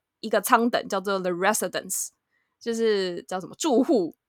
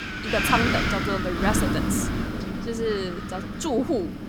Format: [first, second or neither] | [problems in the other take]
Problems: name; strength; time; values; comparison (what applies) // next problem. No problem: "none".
first | wind noise on the microphone; heavy; 1 dB above the speech